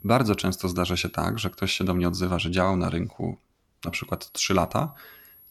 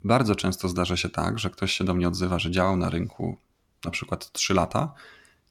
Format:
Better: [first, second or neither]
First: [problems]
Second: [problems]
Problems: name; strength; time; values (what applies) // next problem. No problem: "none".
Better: second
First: high-pitched whine; faint; until 2.5 s and from 4 s on; 11.5 kHz, 25 dB below the speech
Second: none